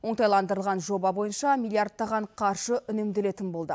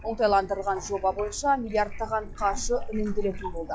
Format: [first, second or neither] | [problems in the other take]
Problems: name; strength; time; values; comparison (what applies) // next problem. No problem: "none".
first | noise reduction (classical method log-MMSE)